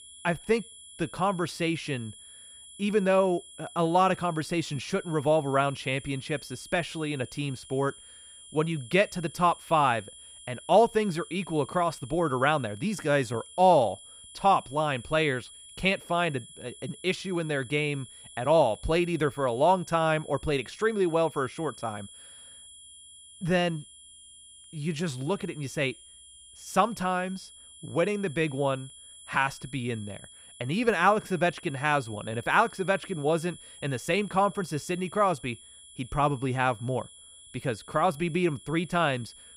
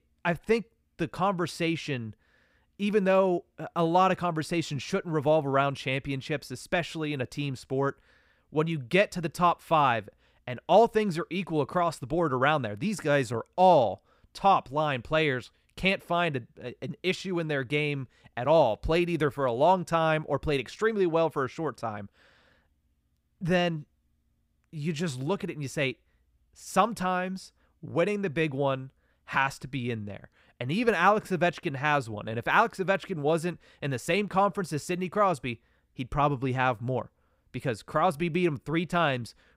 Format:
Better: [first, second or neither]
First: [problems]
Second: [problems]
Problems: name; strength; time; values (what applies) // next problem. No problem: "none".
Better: second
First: high-pitched whine; noticeable; throughout; 3.5 kHz, 20 dB below the speech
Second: none